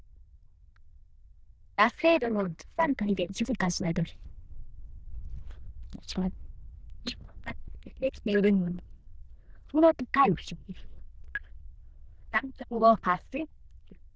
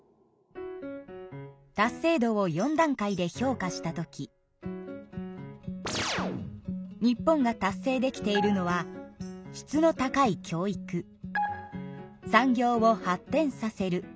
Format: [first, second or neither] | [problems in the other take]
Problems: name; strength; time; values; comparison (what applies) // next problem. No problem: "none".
second | noise reduction (neural diffusion model UNIVERSE++)